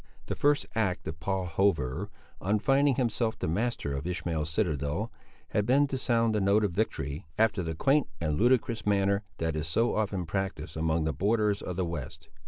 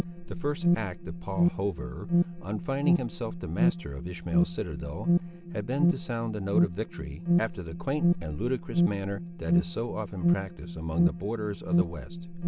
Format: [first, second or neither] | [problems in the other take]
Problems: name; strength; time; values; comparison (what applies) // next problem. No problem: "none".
first | background sound (Alarm); 4 dB above the speech